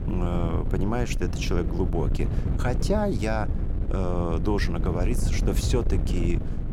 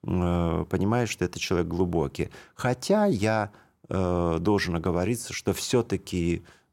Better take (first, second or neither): second